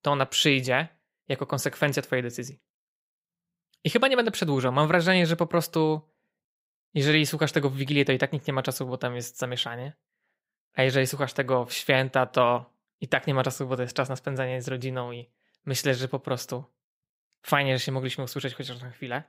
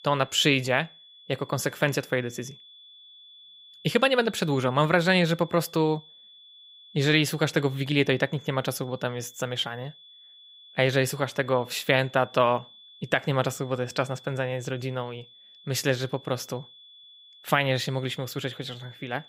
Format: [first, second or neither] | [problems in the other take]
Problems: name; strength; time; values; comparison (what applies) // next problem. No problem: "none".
first | high-pitched whine; faint; throughout; 3.5 kHz, 25 dB below the speech